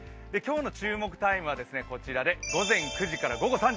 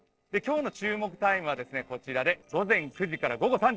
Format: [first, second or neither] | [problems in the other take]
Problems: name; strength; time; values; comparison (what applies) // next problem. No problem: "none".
first | noise reduction (neural separator model SepFormer DNS4)